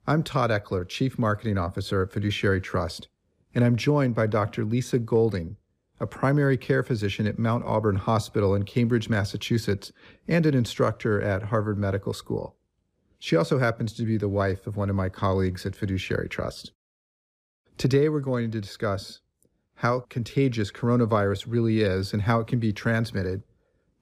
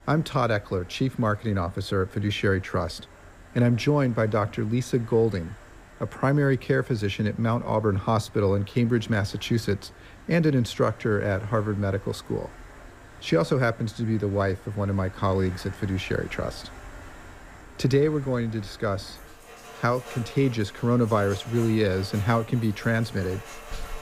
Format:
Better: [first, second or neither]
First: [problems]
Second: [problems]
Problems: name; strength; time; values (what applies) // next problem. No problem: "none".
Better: first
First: none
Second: rain or running water; noticeable; throughout; 20 dB below the speech